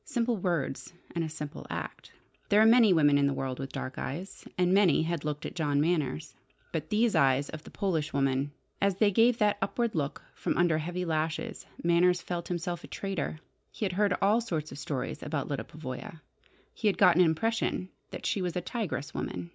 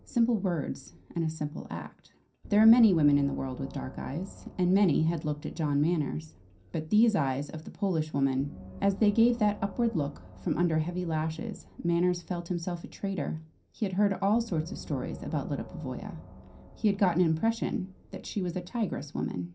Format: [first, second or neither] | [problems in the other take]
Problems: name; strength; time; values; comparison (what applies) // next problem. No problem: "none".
first | background sound (Gong); 20 dB below the speech // room echo; dies away in 0.3 s